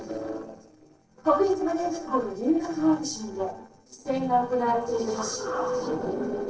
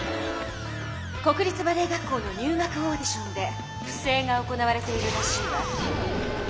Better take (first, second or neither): second